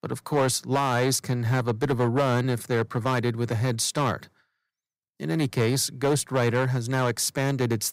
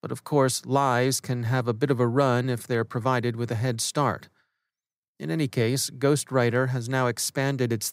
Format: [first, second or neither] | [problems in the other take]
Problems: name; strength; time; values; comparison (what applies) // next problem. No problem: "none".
second | distortion; slight; 6% of the sound clipped